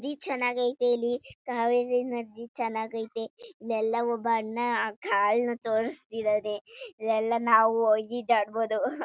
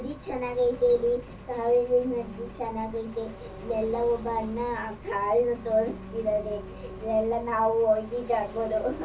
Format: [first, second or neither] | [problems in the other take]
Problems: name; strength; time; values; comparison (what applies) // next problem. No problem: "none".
first | background sound (Engine); 14 dB below the speech // room echo; dies away in 0.3 s